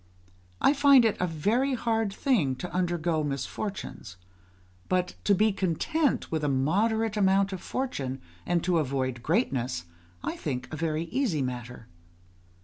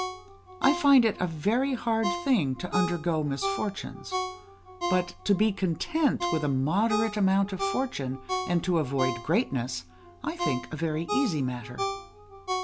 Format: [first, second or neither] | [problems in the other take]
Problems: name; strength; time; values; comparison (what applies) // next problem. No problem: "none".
first | background sound (Ringtone); 7 dB below the speech